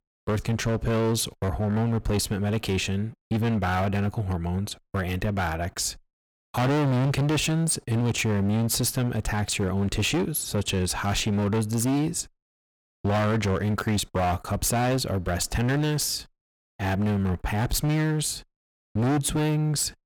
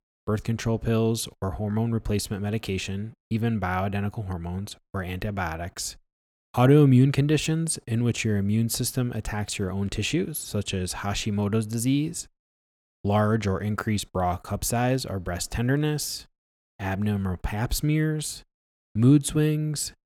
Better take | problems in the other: second | distortion; heavy; 20% of the sound clipped

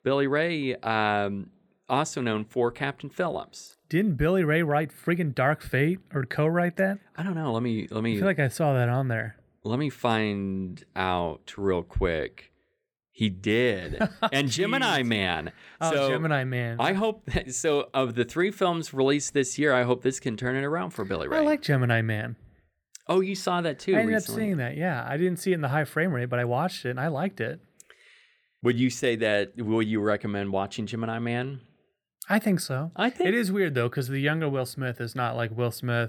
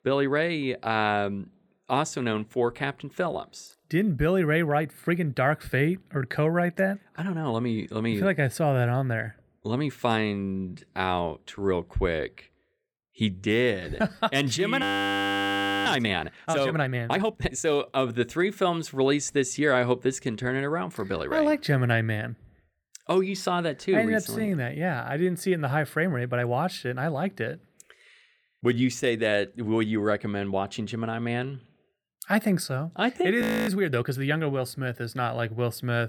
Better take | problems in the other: first | audio freezing; at 15 s for 1 s and at 33 s

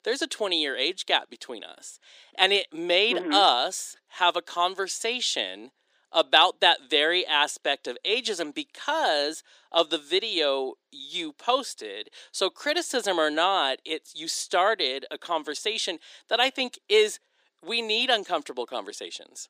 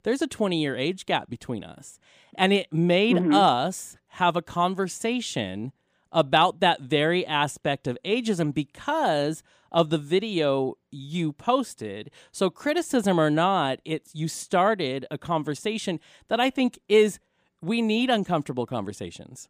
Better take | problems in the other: second | thin; somewhat; fading below 350 Hz

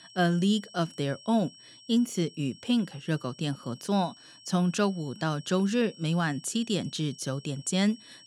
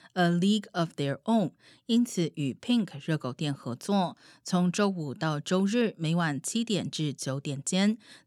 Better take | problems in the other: second | high-pitched whine; faint; throughout; 3 kHz, 20 dB below the speech

